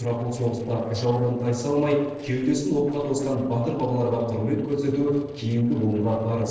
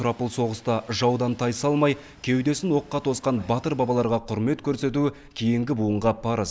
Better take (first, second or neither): second